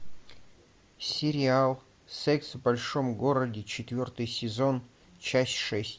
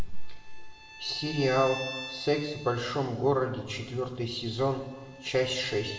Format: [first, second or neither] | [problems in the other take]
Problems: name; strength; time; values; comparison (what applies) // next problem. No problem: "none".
first | background sound (Bowed string instrument); 15 dB below the speech // room echo; dies away in 1 s